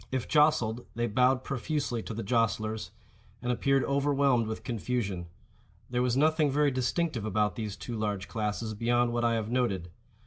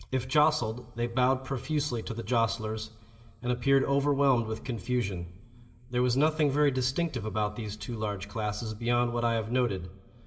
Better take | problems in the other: first | room echo; dies away in 2.3 s

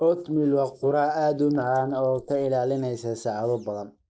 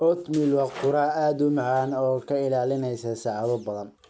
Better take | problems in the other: second | noise reduction (neural mask model Resemble Enhance denoiser)

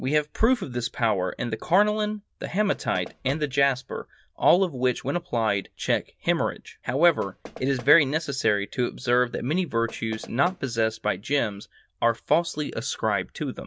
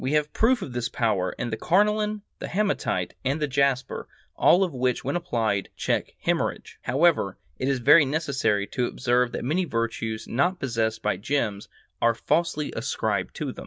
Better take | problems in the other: second | background sound (Knock); 18 dB below the speech

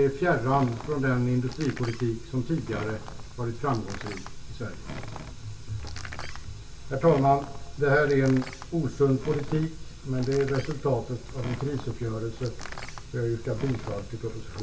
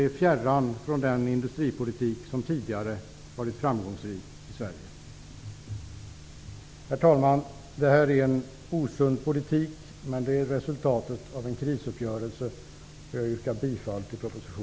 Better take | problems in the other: second | background sound (Door); 16 dB below the speech // room echo; dies away in 0.2 s

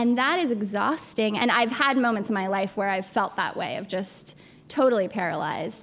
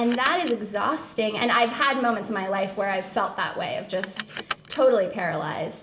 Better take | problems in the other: first | background sound (Car); 16 dB below the speech // room echo; dies away in 1.7 s

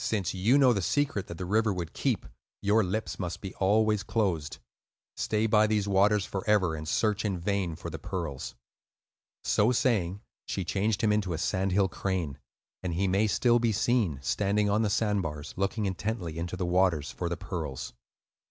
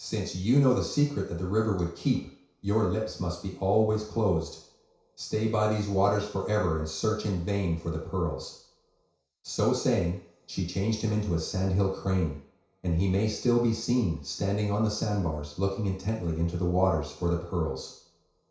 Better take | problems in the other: first | room echo; dies away in 0.6 s

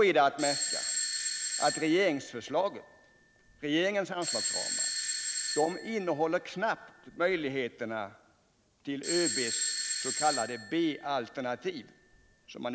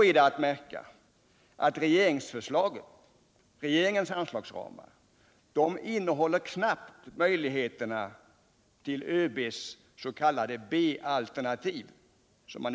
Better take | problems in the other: second | background sound (Bell / Doorbell); 3 dB below the speech

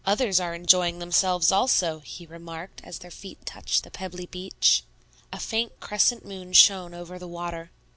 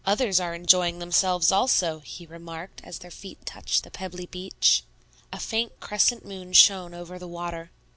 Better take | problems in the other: first | background sound (Finger snapping); 19 dB below the speech

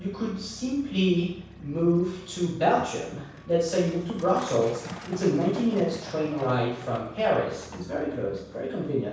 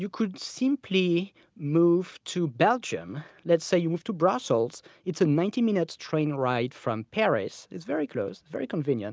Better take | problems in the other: second | background sound (Truck); 17 dB below the speech // room echo; dies away in 0.7 s

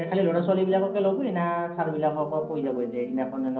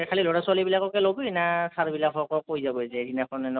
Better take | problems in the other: second | noise reduction (neural separator model SepFormer DNS4)

